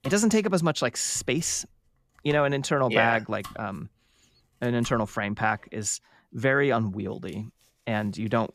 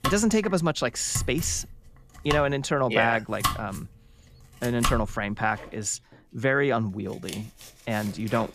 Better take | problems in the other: first | household noises; loud; throughout; 8 dB below the speech; faint in the first

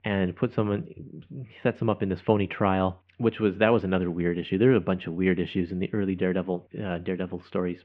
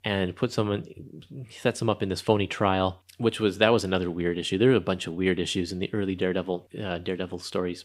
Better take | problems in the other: second | muffled; very; fading above 2.5 kHz

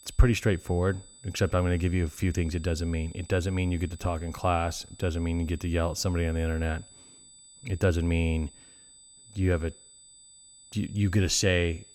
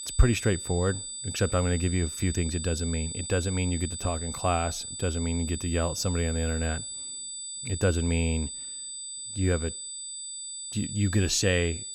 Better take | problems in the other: first | high-pitched whine; loud; throughout; 8 kHz, 6 dB below the speech; faint in the first

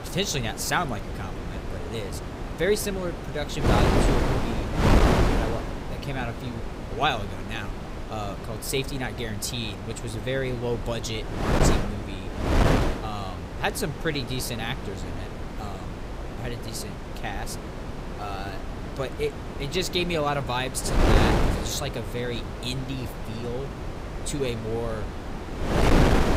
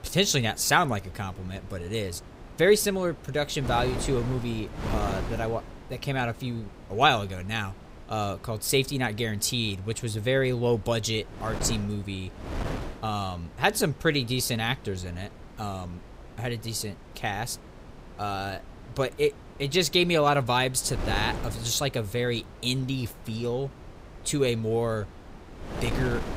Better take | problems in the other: second | wind noise on the microphone; heavy; 1 dB below the speech; occasional gusts in the second

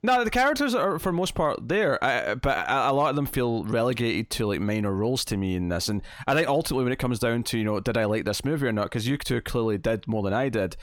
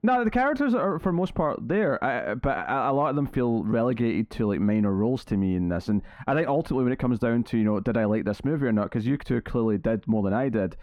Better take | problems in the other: first | muffled; very; fading above 3 kHz

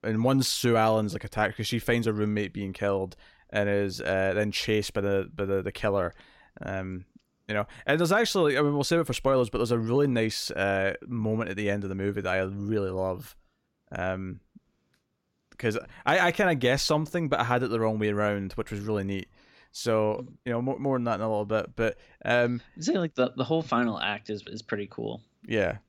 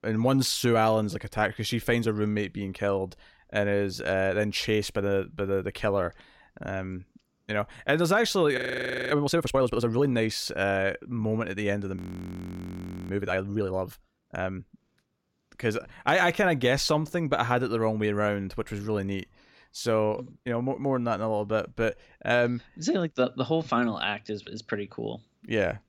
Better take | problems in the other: first | audio freezing; at 8.5 s for 0.5 s and at 12 s for 1 s

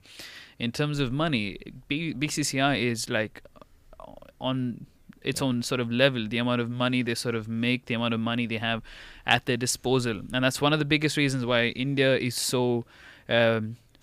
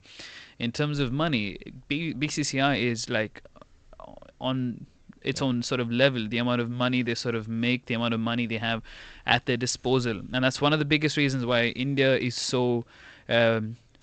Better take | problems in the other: first | garbled, watery; slightly; nothing above 8 kHz

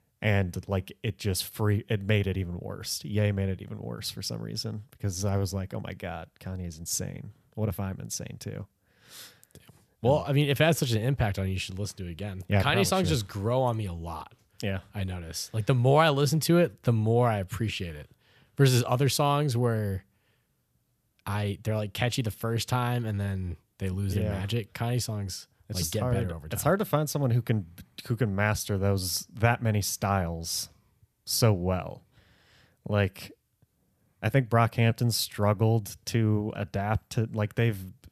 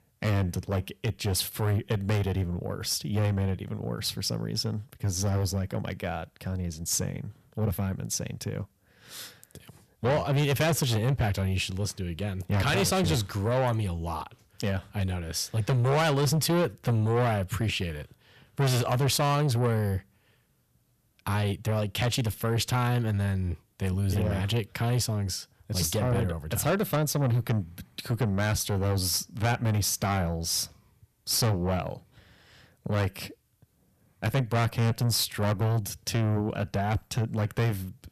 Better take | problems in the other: first | distortion; heavy; 7 dB below the speech

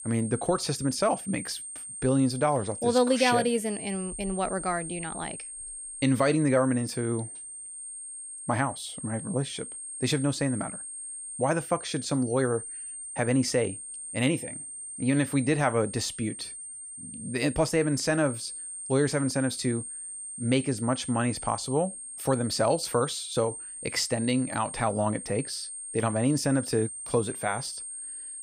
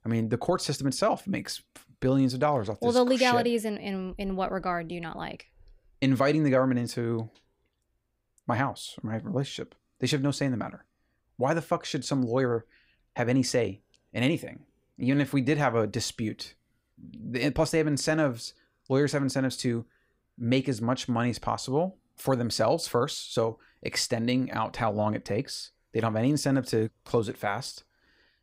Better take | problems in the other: second | high-pitched whine; loud; throughout; 8.5 kHz, 9 dB below the speech

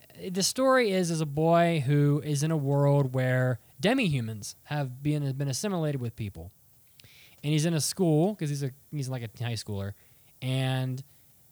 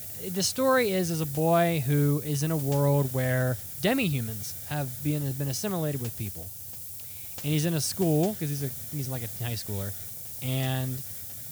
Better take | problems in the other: first | hiss; loud; throughout; 6 dB below the speech; faint in the first

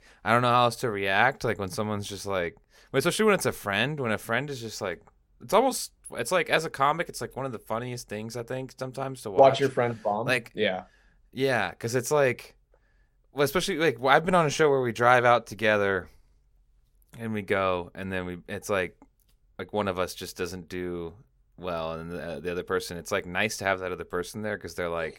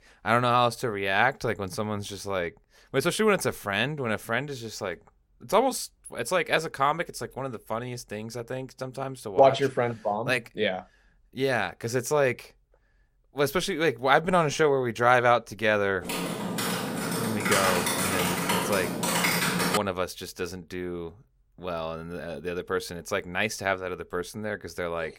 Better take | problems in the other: first | keyboard typing; loud; from 16 to 20 s; peak 4 dB above the speech

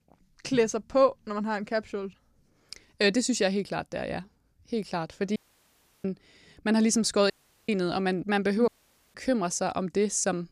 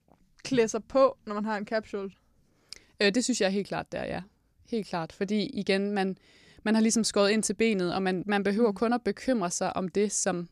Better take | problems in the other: second | audio cutting out; at 5.5 s for 0.5 s, at 7.5 s and at 8.5 s

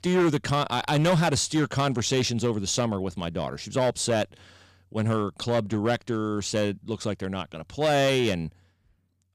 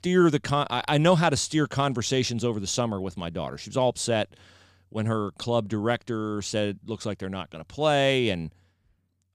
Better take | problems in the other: second | distortion; slight; 6% of the sound clipped

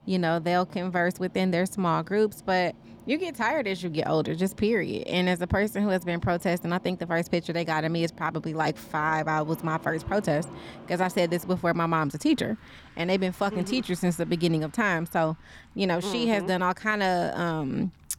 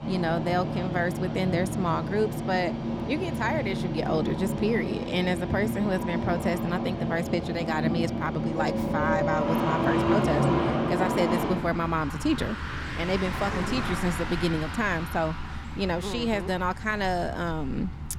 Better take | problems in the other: first | traffic noise; loud; throughout; 1 dB below the speech; faint in the first

